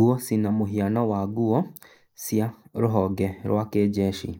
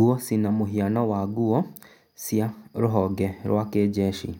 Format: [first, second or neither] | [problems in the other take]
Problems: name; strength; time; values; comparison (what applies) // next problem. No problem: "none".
second | noise reduction (neural mask model Resemble Enhance denoiser)